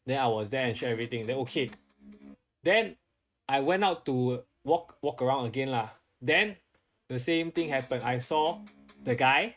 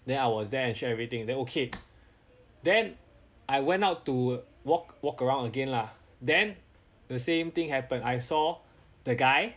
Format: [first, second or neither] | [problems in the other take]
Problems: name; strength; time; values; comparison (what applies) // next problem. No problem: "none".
second | noise reduction (neural mask model RNNoise)